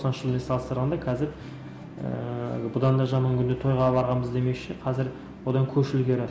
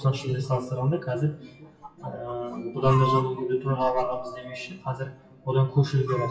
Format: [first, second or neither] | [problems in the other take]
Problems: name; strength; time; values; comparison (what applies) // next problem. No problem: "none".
first | noise reduction (classical method WPE with log-MMSE)